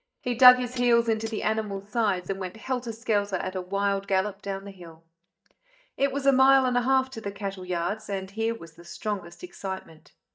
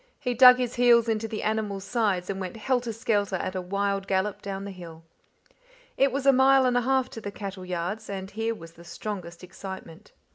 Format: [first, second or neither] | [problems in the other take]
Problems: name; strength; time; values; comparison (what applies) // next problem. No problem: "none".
second | noise reduction (neural mask model DeepFilterNet 3)